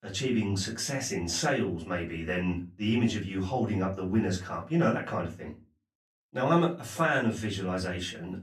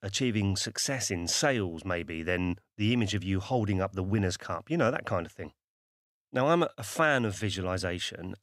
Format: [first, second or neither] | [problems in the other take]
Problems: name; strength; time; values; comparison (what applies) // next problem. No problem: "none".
second | off-mic speech; far // room echo; very slight; dies away in 0.3 s